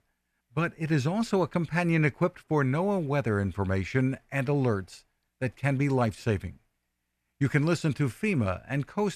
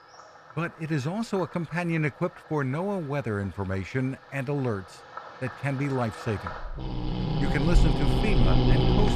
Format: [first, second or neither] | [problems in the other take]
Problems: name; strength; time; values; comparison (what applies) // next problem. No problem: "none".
first | animal sounds; very loud; throughout; 2 dB above the speech